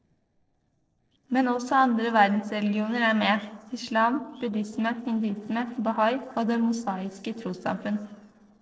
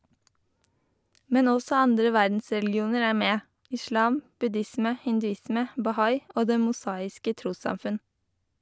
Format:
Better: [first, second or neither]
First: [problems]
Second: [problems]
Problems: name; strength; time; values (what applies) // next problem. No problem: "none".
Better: second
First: noise reduction (neural separator model SepFormer DNS4)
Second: none